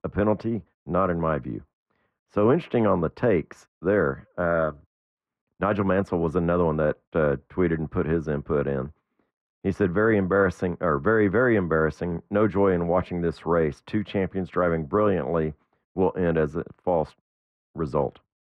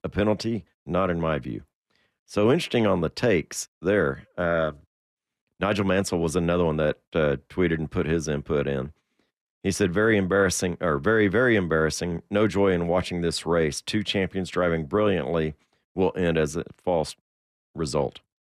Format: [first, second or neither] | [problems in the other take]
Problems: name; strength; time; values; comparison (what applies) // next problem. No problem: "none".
second | muffled; very; fading above 3 kHz